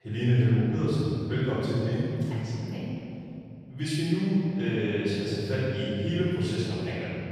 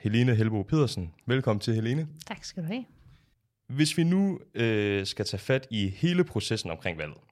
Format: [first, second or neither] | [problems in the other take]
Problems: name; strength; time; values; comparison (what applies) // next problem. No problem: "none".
second | off-mic speech; far // room echo; strong; dies away in 3 s